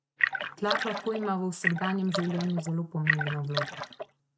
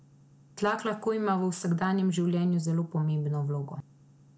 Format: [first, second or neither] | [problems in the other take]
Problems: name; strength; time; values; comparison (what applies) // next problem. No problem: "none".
second | noise reduction (neural mask model RNNoise)